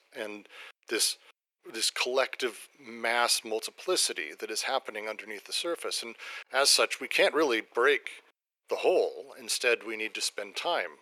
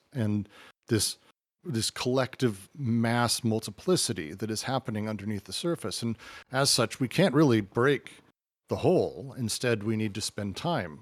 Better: second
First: thin; very; fading below 450 Hz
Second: none

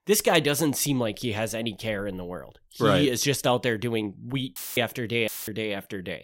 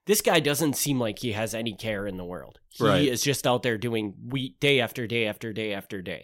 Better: second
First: audio cutting out; filled with static; at 4.5 s and at 5.5 s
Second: none

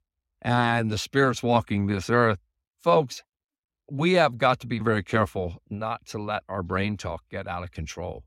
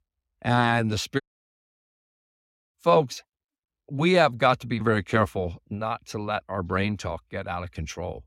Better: first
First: none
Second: audio cutting out; at 1 s for 1.5 s

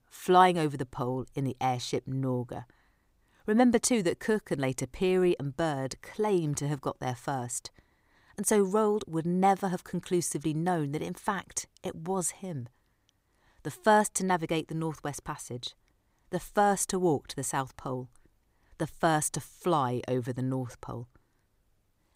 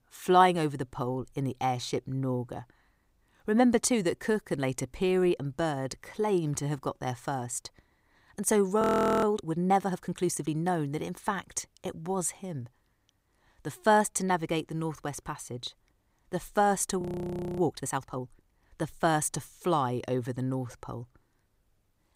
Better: first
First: none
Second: audio freezing; at 9 s and at 17 s for 0.5 s

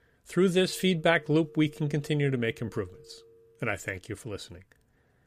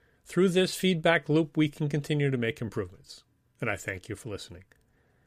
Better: second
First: alarms or sirens; faint; until 3.5 s; 25 dB below the speech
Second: none

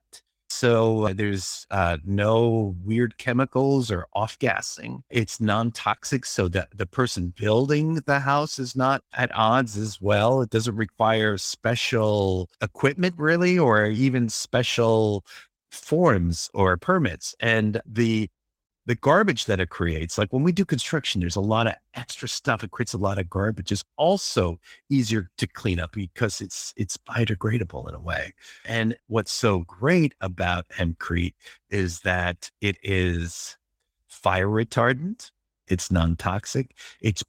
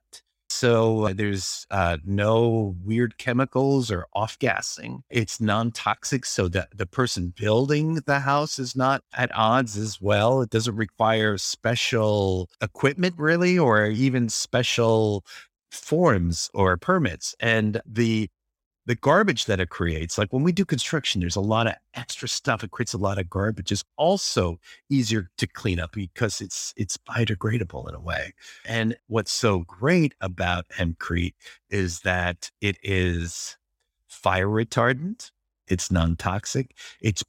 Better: second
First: garbled, watery; slightly; nothing above 16.5 kHz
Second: none

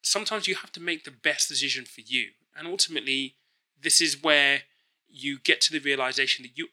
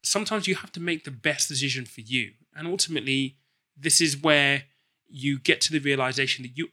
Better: second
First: thin; somewhat; fading below 350 Hz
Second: none

